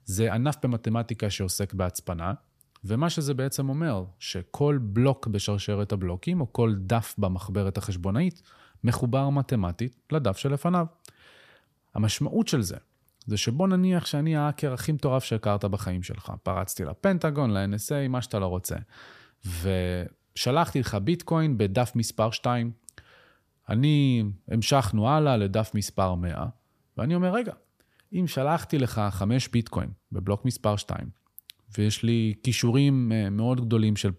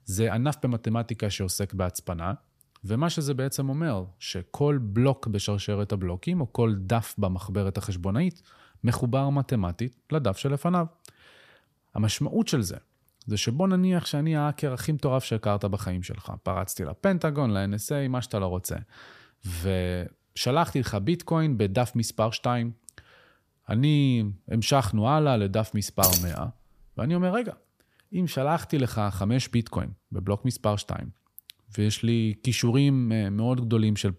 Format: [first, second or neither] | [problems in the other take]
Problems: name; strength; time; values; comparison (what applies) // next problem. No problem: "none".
first | jangling keys; loud; at 26 s; peak 5 dB above the speech